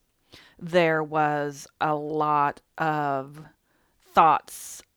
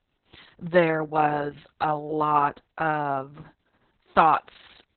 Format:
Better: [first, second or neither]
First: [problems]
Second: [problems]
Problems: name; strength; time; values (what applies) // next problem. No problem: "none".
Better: first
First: none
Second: garbled, watery; badly; nothing above 4 kHz